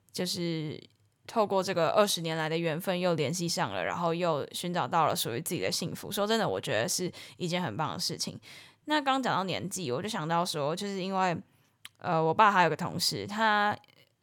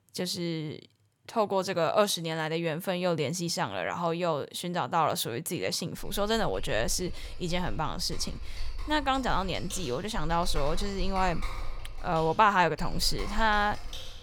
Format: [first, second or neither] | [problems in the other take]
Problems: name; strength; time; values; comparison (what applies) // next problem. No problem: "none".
first | keyboard typing; noticeable; from 6 s on; peak 9 dB below the speech